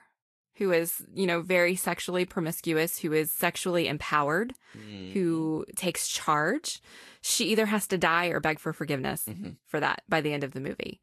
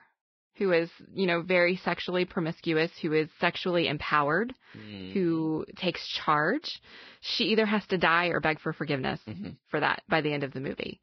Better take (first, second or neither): first